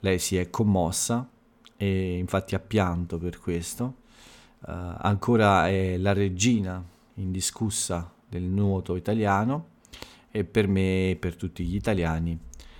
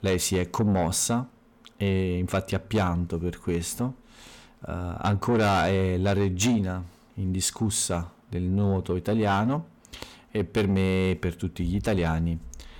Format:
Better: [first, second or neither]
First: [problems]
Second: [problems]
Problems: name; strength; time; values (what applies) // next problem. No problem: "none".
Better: first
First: none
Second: distortion; slight; 10 dB below the speech